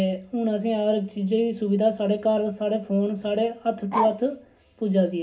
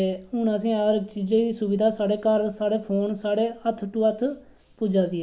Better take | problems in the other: second | background sound (Bark); 8 dB below the speech // room echo; dies away in 0.2 s

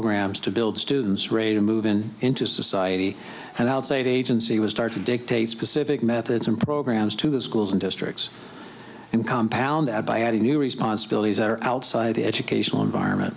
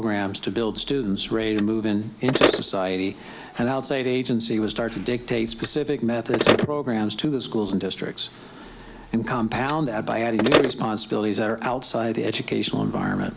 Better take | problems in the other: first | background sound (Telephone); 5 dB below the speech

